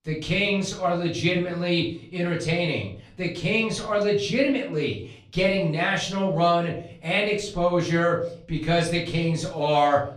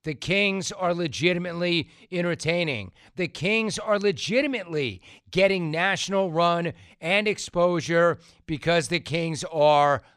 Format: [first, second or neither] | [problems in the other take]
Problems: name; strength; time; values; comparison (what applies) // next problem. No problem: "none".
second | room echo; slight; dies away in 0.4 s // off-mic speech; far